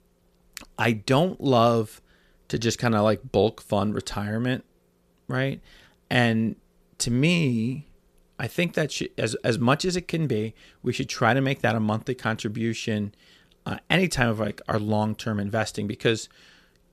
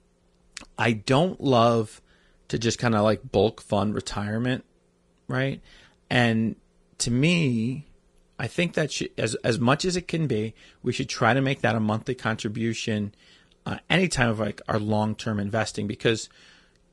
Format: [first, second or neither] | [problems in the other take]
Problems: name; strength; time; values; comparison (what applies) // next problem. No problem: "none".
first | garbled, watery; slightly